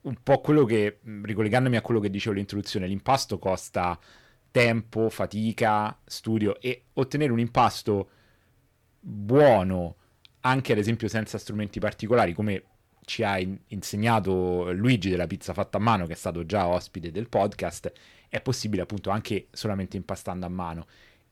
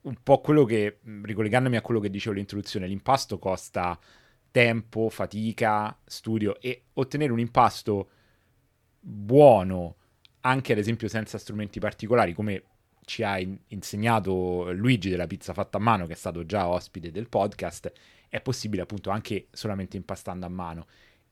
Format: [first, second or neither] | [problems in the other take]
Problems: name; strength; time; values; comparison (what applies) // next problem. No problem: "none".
second | distortion; slight; 10 dB below the speech